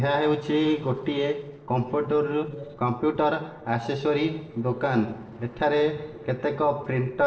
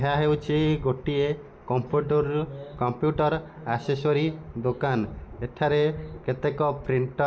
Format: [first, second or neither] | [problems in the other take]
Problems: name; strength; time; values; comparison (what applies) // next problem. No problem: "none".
second | noise reduction (neural separator model SepFormer DNS4)